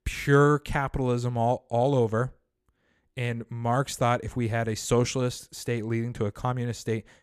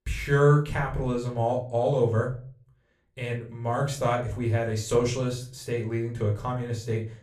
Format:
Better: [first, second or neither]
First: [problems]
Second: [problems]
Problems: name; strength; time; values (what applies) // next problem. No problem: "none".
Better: first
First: none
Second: off-mic speech; somewhat distant // room echo; very slight; dies away in 0.3 s